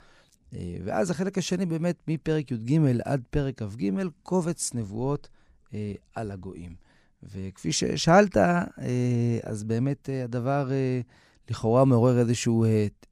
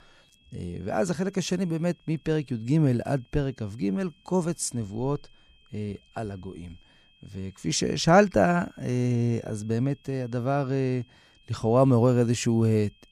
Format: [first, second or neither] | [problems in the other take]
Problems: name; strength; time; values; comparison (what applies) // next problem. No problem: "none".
first | high-pitched whine; faint; throughout; 3 kHz, 35 dB below the speech